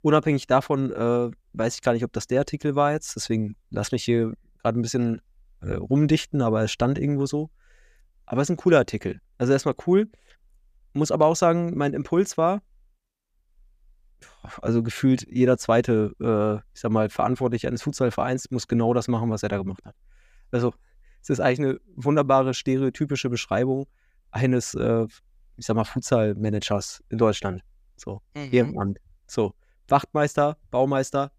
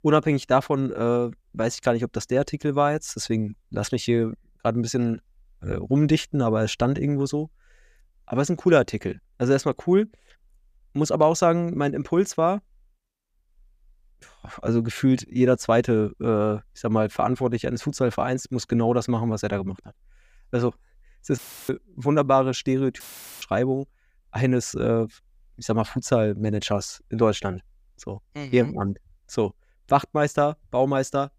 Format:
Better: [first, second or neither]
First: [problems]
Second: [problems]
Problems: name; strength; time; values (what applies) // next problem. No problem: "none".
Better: first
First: none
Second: audio cutting out; filled with static; at 21 s and at 23 s